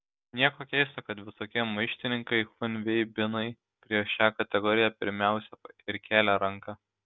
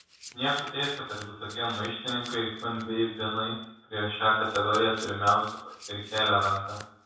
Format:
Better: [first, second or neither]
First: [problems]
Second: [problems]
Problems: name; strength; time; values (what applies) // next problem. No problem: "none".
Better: first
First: none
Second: background sound (Domestic sounds, home sounds); 19 dB below the speech // room echo; dies away in 0.7 s